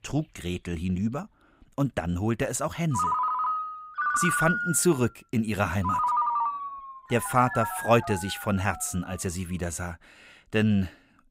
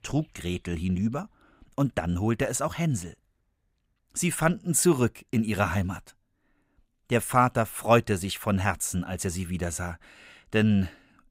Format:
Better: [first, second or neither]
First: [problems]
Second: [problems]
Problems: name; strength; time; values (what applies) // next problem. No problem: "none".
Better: second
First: phone ringing; loud; from 3 to 9 s; peak 3 dB above the speech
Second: none